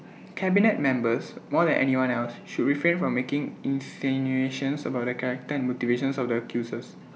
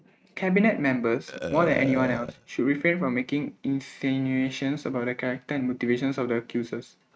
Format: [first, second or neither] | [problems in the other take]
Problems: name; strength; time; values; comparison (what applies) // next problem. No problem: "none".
first | noise reduction (neural mask model RNNoise)